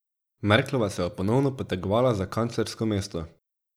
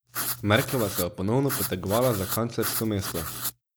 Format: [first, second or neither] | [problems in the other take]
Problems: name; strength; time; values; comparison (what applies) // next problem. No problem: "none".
first | background sound (Writing); 6 dB below the speech